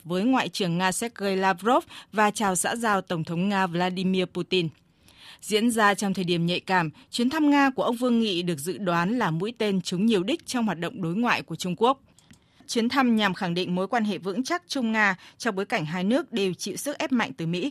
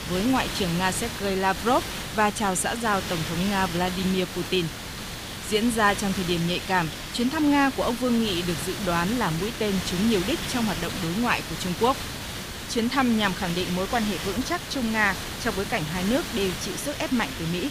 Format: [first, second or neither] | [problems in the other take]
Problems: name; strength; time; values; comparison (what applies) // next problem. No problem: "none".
first | hiss; loud; throughout; 6 dB below the speech